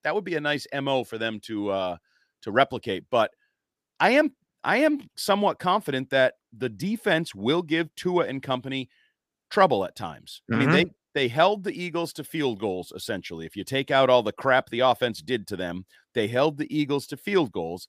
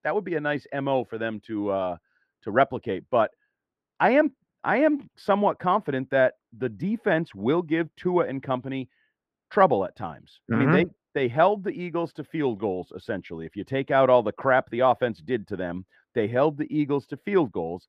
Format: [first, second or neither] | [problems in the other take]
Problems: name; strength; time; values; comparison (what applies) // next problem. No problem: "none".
first | muffled; very; fading above 3.5 kHz